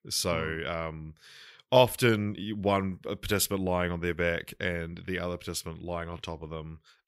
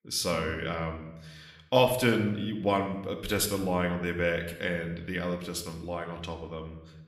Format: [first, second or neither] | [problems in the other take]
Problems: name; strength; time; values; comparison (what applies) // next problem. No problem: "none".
first | room echo; slight; dies away in 0.8 s